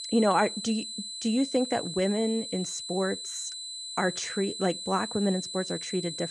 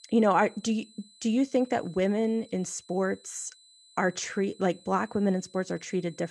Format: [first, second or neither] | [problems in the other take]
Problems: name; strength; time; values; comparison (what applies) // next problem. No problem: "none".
second | high-pitched whine; loud; throughout; 4 kHz, 6 dB below the speech; faint in the second